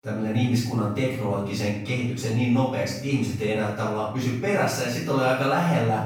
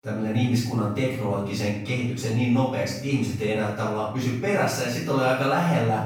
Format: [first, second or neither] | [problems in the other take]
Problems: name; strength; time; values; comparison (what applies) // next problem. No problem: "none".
neither | off-mic speech; far; the same in both // room echo; noticeable; dies away in 0.8 s; the same in both